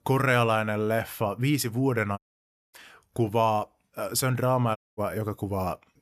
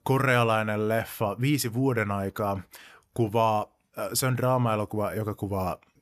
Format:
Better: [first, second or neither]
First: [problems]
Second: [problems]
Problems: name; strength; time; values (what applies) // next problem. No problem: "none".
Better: second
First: audio cutting out; at 2 s for 0.5 s and at 5 s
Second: none